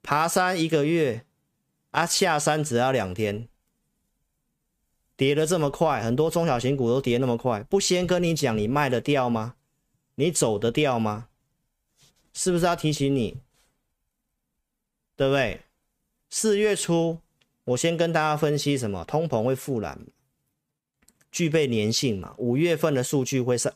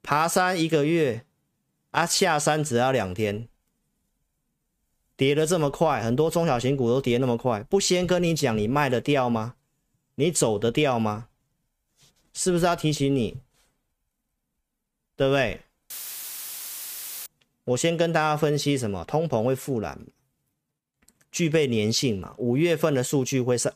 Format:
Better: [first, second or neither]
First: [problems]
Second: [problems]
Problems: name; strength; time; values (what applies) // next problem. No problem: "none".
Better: first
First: none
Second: audio cutting out; filled with static; at 16 s for 1.5 s